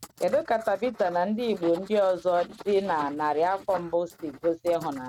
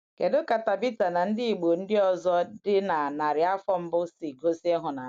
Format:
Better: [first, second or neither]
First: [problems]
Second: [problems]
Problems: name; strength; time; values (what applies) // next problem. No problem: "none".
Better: second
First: noise reduction (neural mask model RNNoise)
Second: none